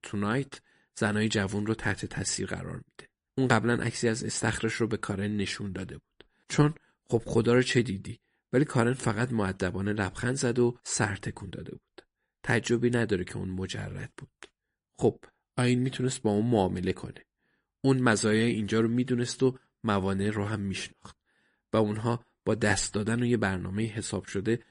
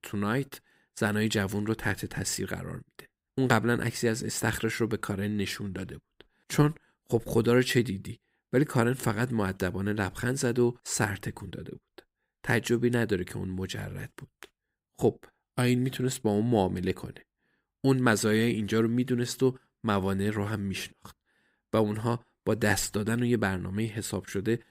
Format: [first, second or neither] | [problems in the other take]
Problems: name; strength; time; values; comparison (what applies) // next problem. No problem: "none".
second | garbled, watery; slightly; nothing above 10 kHz